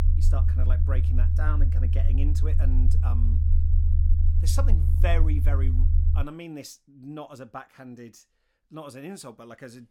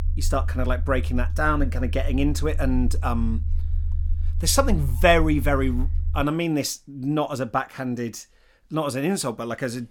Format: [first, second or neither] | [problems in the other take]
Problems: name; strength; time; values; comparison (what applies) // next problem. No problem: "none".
second | low rumble; loud; until 6 s; 3 dB below the speech; faint in the second